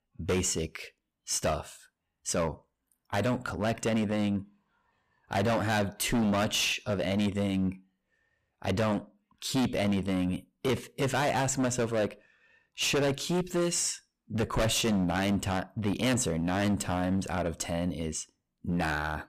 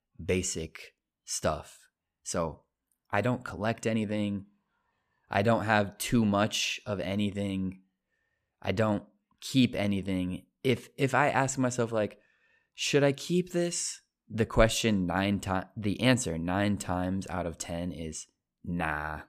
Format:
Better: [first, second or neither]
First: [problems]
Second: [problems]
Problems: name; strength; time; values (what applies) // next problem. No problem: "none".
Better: second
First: distortion; heavy; 14% of the sound clipped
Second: none